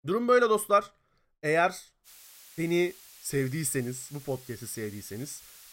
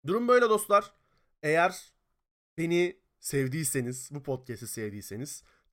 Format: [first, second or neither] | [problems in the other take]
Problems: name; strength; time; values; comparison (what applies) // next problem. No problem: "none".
second | hiss; faint; from 2 s on; 20 dB below the speech